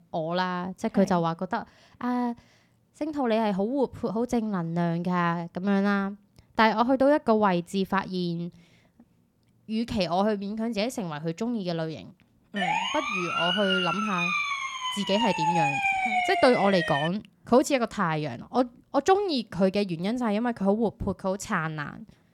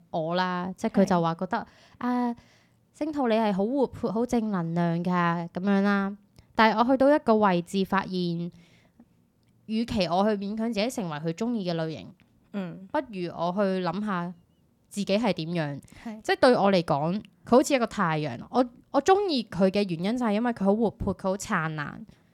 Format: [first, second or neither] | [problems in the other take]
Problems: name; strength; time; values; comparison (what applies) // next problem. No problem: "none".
second | siren; loud; from 13 to 17 s; peak 3 dB above the speech